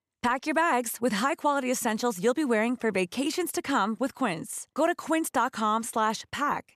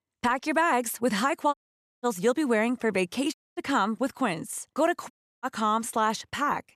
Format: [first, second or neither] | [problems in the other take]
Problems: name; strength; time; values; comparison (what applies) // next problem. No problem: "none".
first | audio cutting out; at 1.5 s, at 3.5 s and at 5 s